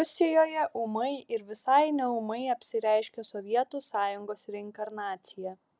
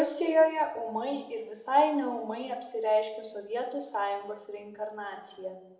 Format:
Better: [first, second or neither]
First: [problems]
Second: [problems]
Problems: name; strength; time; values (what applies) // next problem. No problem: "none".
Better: first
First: none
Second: room echo; dies away in 0.7 s